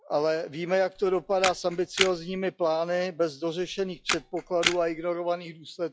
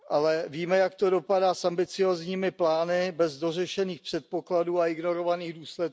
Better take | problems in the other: second | noise reduction (classical method log-MMSE)

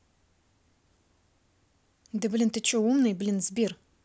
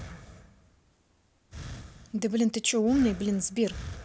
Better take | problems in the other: first | background sound (Breathing); 14 dB below the speech

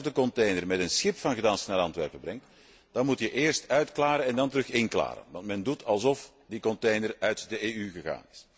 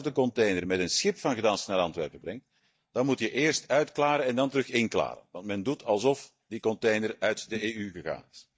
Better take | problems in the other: first | noise reduction (neural mask model DeepFilterNet 3)

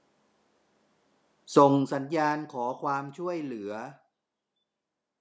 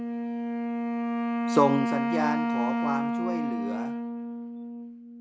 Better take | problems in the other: first | background sound (Wind instrument, woodwind instrument); 2 dB above the speech

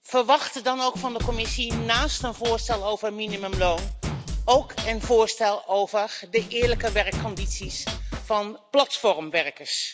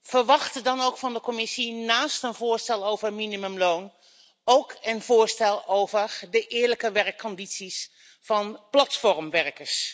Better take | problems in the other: second | background sound (Drum kit); 5 dB below the speech

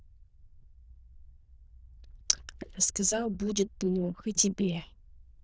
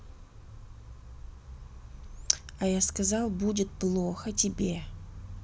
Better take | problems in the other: second | noise reduction (neural diffusion model UNIVERSE++)

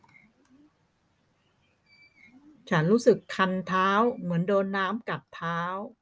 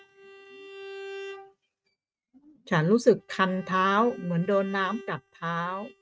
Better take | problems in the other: first | noise reduction (neural mask model RNNoise)

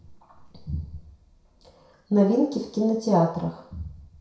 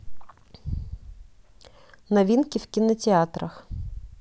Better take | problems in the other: second | room echo; dies away in 0.6 s

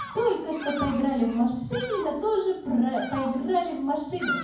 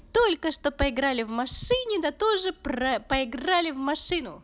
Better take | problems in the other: second | background sound (Bird vocalization, bird call, bird song); 11 dB below the speech // room echo; dies away in 0.9 s

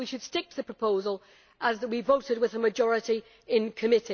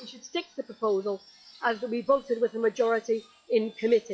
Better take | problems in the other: first | noise reduction (classical method log-MMSE)

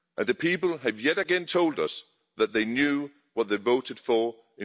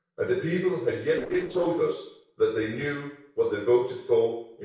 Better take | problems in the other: first | noise reduction (neural separator model SepFormer DNS4)

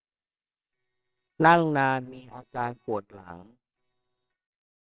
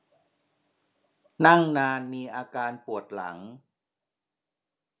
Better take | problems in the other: second | noise reduction (neural separator model SepFormer WHAMR!)

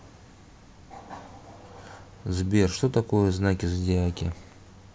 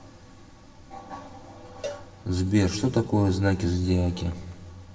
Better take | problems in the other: first | background sound (Cowbell); 17 dB below the speech // room echo; dies away in 1.3 s

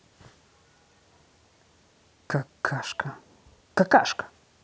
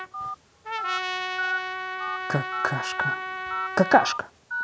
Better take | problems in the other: first | background sound (Trumpet + Telephone); 2 dB below the speech

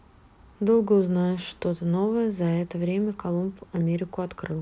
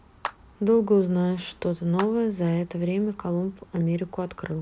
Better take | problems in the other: first | background sound (Clapping); 16 dB below the speech

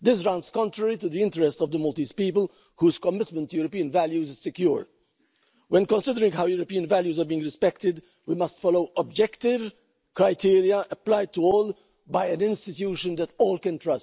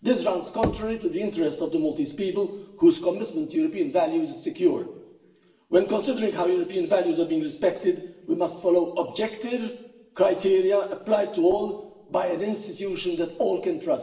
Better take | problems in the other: first | background sound (Knock / Wood); 12 dB below the speech // room echo; dies away in 1 s

